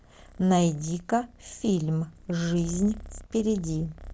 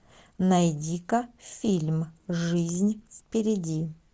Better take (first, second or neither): second